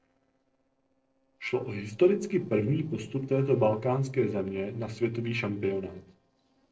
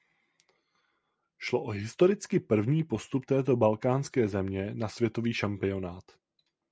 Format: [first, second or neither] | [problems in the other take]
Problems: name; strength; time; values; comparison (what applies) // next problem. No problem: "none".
second | noise reduction (neural separator model SepFormer DNS4)